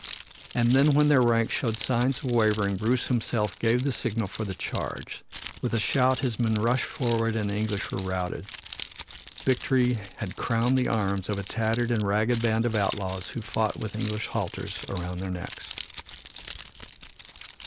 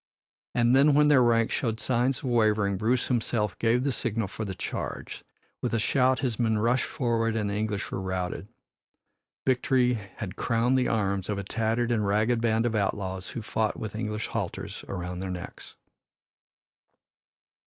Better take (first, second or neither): second